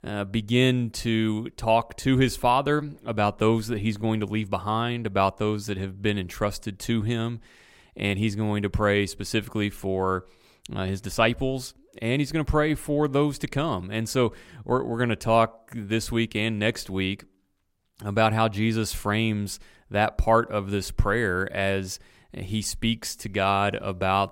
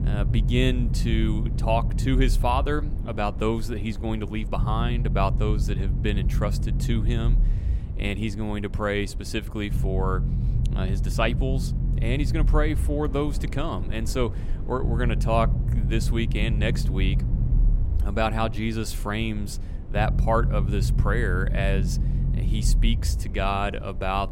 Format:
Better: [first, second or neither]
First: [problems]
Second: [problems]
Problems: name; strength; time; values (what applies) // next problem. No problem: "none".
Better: first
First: none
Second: low rumble; noticeable; throughout; 10 dB below the speech